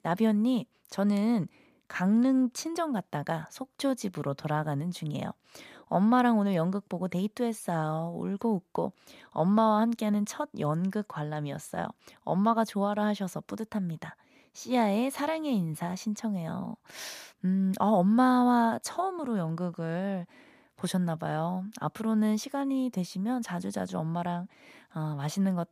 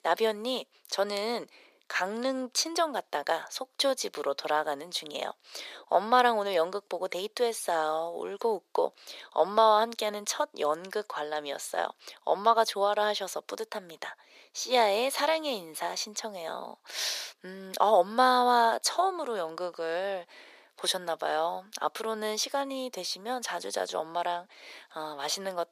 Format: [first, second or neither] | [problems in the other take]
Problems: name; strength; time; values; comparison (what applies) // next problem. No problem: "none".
first | thin; very; fading below 400 Hz